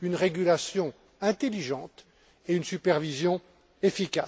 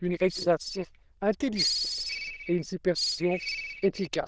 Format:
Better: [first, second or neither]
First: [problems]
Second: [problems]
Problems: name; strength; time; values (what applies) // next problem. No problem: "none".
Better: first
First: none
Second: noise reduction (neural diffusion model UNIVERSE++)